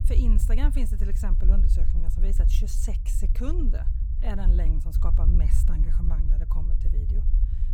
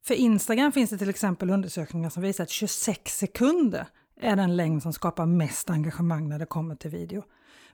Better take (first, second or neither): second